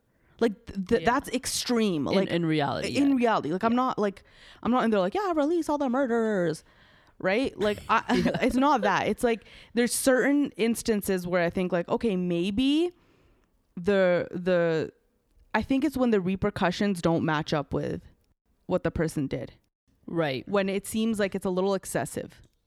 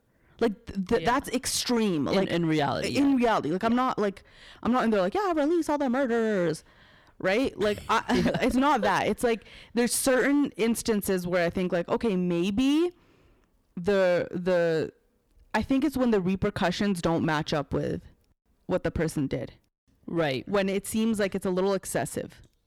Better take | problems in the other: first | distortion; slight; 6% of the sound clipped

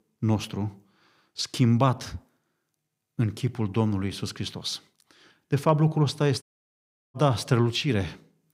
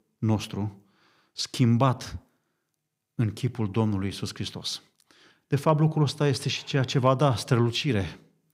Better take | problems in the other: second | audio cutting out; at 6.5 s for 0.5 s

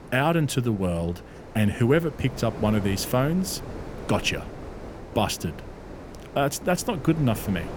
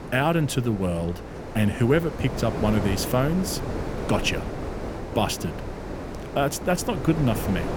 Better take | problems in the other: first | wind noise on the microphone; heavy; 8 dB below the speech; occasional gusts in the first

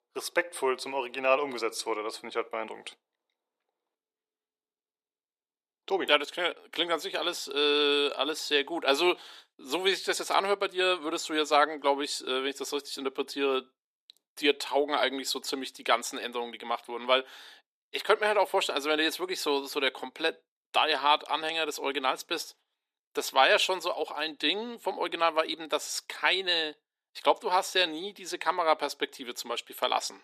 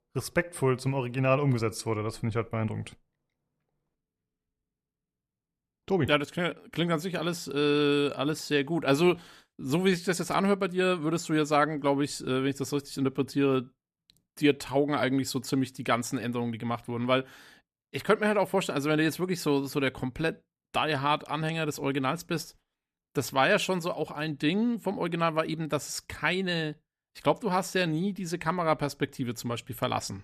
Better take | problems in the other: second | thin; somewhat; fading below 350 Hz

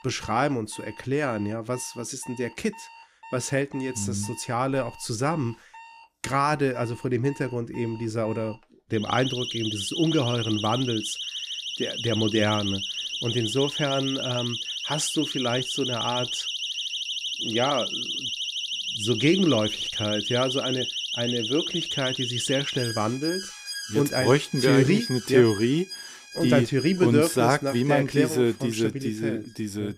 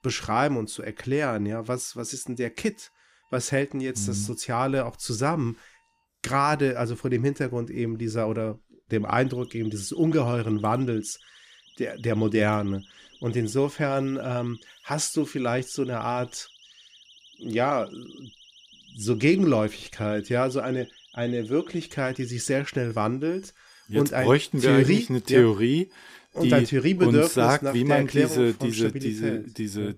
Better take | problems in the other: second | alarms or sirens; loud; throughout; 4 dB below the speech; faint in the second

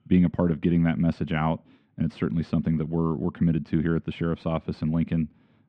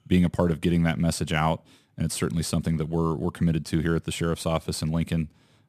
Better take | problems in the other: second | muffled; very; fading above 2.5 kHz

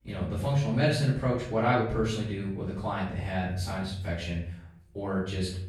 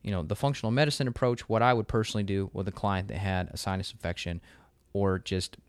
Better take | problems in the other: second | off-mic speech; far // room echo; noticeable; dies away in 0.6 s

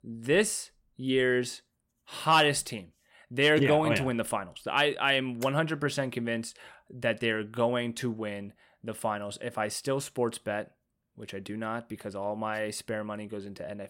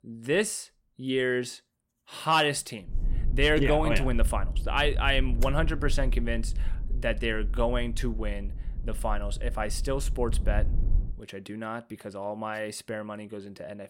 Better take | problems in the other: first | low rumble; faint; from 3 to 11 s; 20 dB below the speech

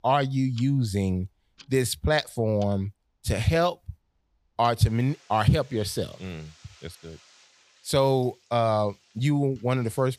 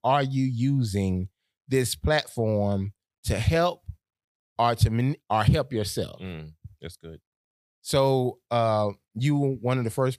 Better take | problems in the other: second | household noises; faint; throughout; 30 dB below the speech

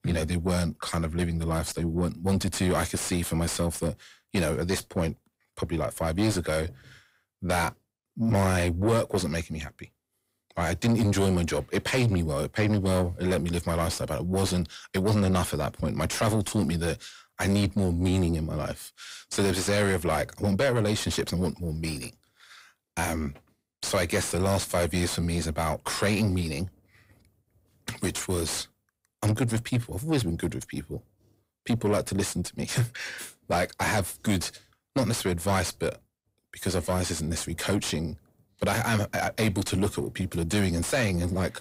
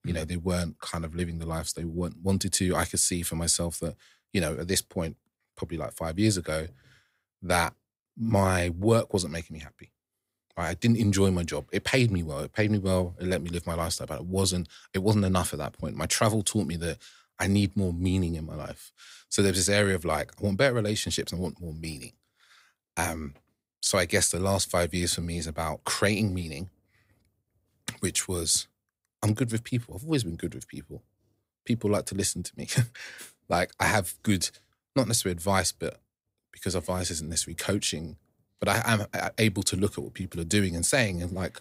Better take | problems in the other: second | distortion; heavy; 7 dB below the speech

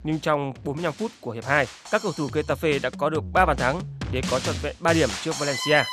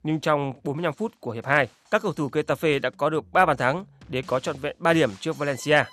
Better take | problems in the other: second | background music; loud; throughout; 7 dB below the speech; faint in the second

